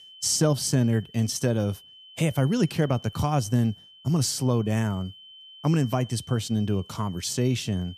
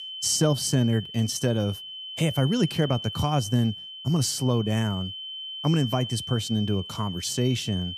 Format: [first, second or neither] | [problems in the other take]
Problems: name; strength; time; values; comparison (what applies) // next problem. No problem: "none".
first | high-pitched whine; loud; throughout; 3 kHz, 9 dB below the speech; faint in the first